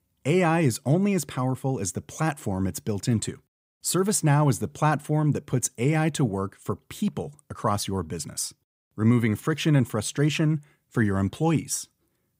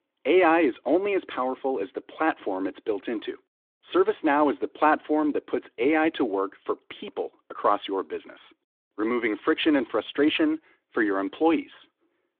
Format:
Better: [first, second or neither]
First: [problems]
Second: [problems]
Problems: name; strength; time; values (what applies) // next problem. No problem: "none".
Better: first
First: none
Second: phone-call audio; nothing above 3.5 kHz